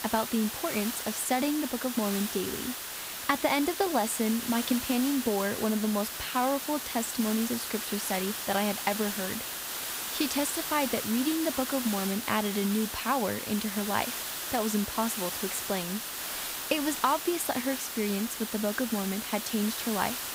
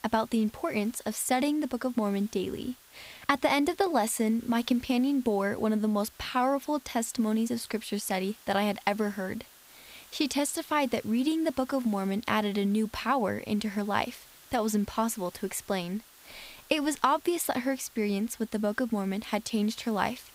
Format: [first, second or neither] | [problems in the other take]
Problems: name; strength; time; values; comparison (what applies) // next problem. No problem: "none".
second | hiss; loud; throughout; 3 dB below the speech; faint in the second